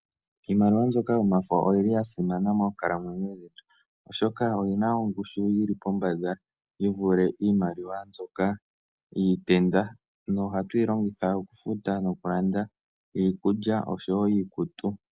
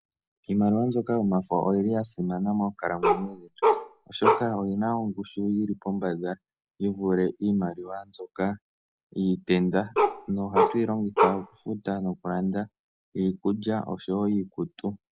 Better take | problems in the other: first | background sound (Bark); 2 dB above the speech

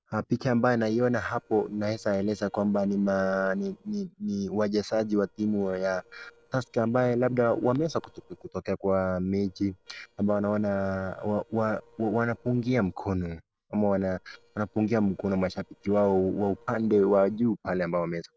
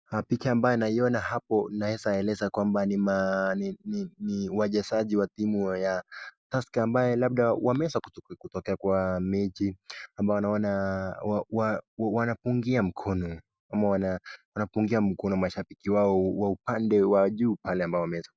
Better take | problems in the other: second | noise reduction (neural separator model SepFormer DNS4)

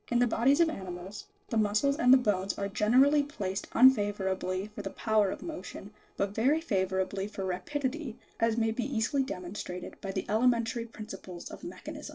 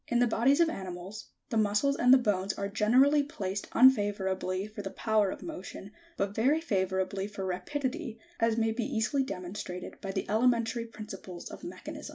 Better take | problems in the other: second | noise reduction (neural separator model SepFormer DNS4)

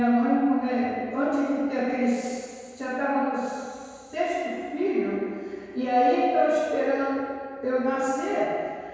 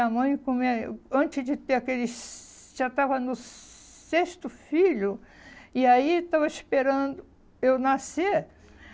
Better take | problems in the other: second | room echo; dies away in 1.9 s

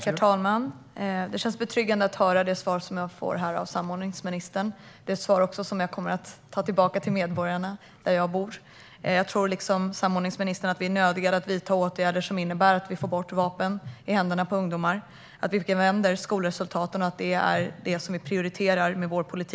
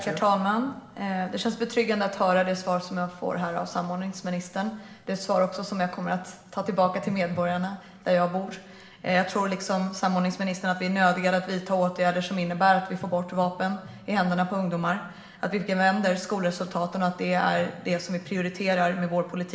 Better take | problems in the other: first | room echo; dies away in 0.9 s

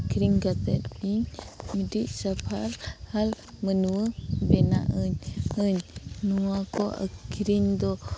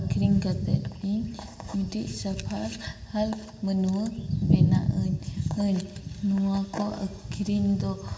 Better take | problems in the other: first | room echo; dies away in 1.6 s

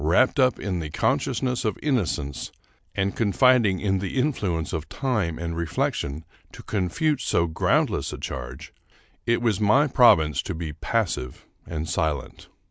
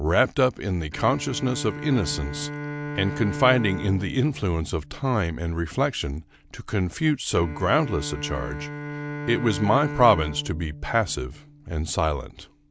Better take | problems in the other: first | background sound (Bowed string instrument); 11 dB below the speech

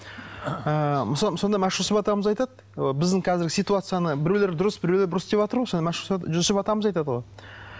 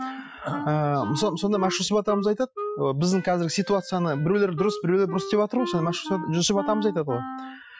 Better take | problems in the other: first | noise reduction (classical method Wiener filter)

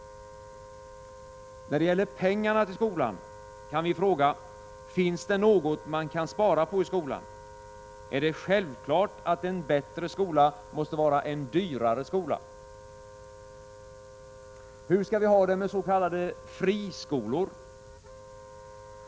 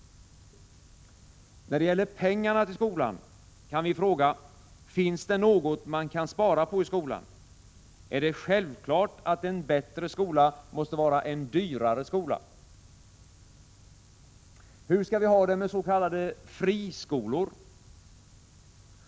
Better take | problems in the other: second | background sound (Wind instrument, woodwind instrument); 19 dB below the speech

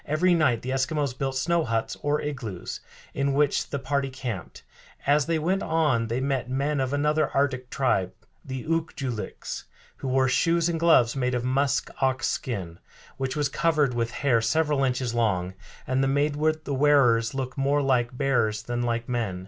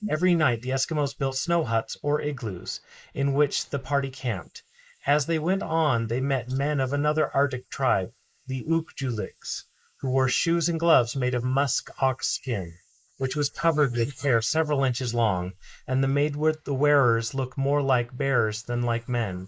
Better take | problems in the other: first | noise reduction (neural mask model Resemble Enhance denoiser)

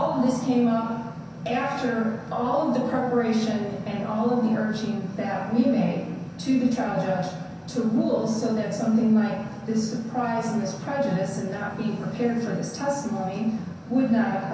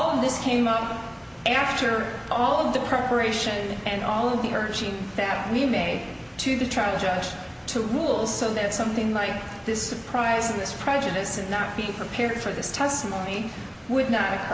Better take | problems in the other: second | room echo; dies away in 0.6 s

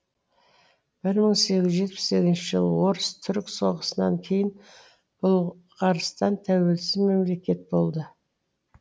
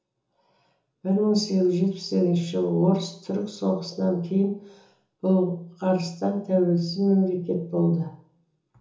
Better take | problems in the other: first | room echo; dies away in 0.6 s

